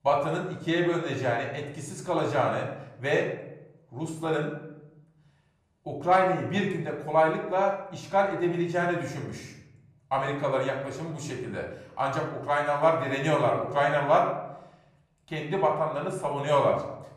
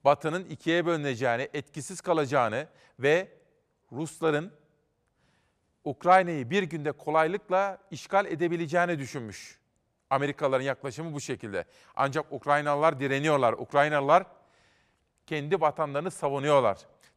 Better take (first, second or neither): second